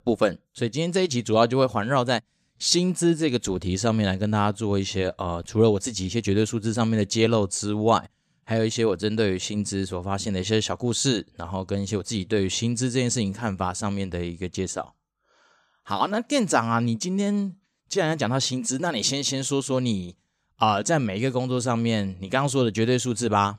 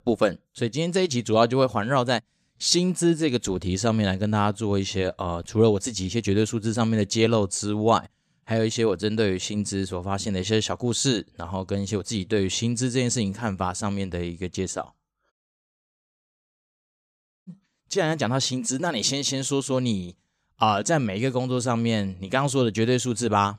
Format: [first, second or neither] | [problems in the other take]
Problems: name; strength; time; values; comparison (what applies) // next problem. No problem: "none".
first | audio cutting out; at 15 s for 2 s